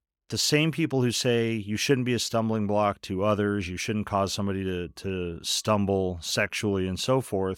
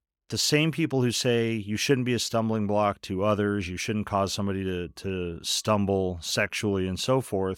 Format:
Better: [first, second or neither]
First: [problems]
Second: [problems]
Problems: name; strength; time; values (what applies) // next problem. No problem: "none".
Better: neither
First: none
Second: none